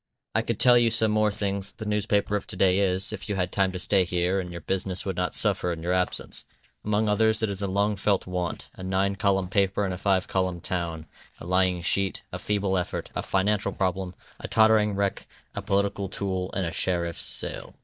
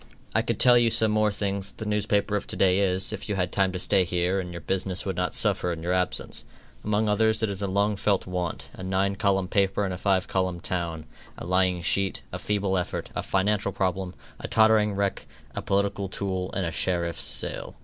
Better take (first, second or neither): second